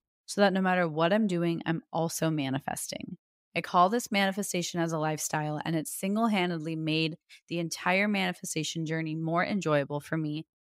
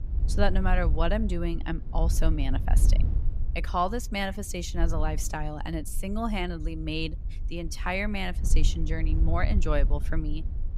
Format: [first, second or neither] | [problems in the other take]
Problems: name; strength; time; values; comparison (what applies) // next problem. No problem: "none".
first | wind noise on the microphone; occasional gusts; 15 dB below the speech